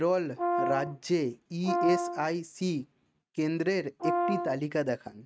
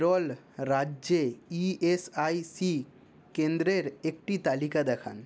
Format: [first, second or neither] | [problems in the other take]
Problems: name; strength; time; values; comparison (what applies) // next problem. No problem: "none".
second | noise reduction (neural mask model RNNoise)